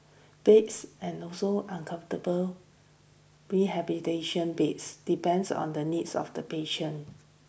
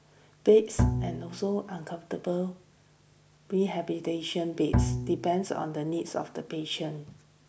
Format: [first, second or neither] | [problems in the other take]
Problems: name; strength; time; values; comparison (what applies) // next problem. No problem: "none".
first | background sound (Bowed string instrument); as loud as the speech